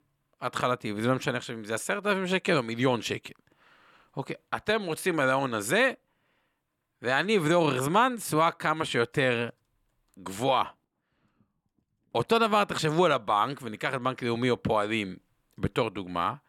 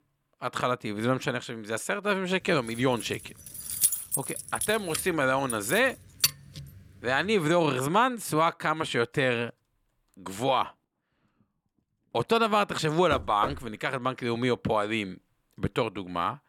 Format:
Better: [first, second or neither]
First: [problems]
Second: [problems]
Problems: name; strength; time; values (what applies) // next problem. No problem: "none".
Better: first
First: none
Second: jangling keys; loud; from 3 to 6.5 s; peak 4 dB above the speech // door banging; noticeable; at 13 s; peak 9 dB below the speech